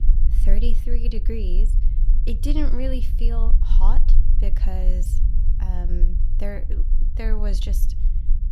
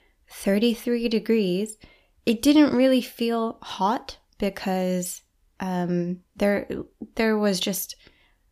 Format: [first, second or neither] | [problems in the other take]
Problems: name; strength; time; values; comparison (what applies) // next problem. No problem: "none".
second | low rumble; loud; throughout; 10 dB below the speech